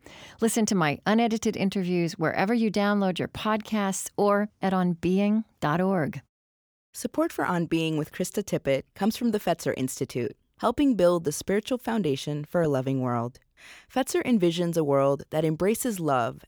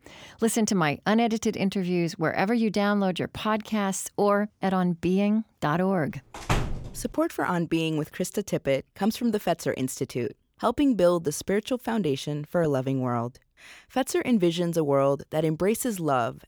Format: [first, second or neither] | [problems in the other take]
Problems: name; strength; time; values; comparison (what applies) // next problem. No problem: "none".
first | door banging; noticeable; at 6.5 s; peak 2 dB below the speech